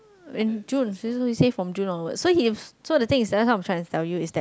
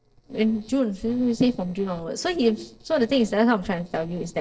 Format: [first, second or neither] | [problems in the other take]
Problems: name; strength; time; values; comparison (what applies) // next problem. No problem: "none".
first | noise reduction (neural separator model SepFormer DNS4)